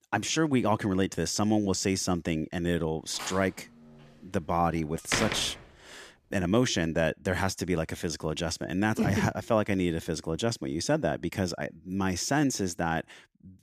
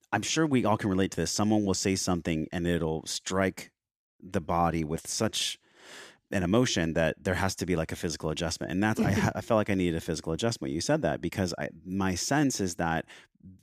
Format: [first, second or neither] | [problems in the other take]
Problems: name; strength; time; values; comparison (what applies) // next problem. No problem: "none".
second | door banging; noticeable; from 3 to 5.5 s; peak 1 dB below the speech